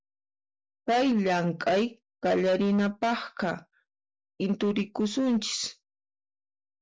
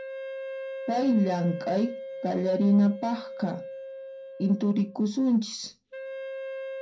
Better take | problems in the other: first | background sound (Wind instrument, woodwind instrument); 10 dB below the speech // room echo; dies away in 0.2 s

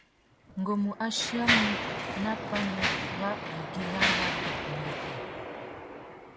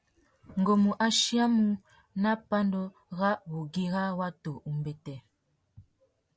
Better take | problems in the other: second | background sound (Mechanisms); 2 dB above the speech

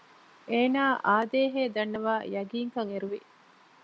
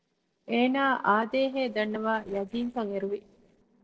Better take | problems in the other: first | noise reduction (neural separator model SepFormer DNS4)

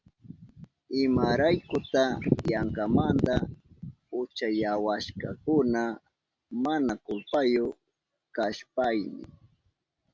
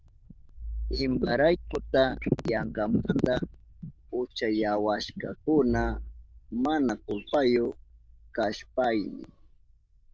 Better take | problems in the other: first | noise reduction (neural diffusion model UNIVERSE++)

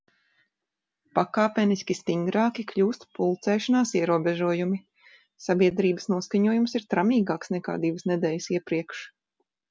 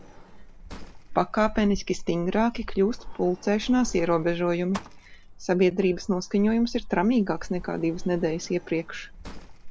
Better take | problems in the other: first | background sound (Sliding door); 12 dB below the speech

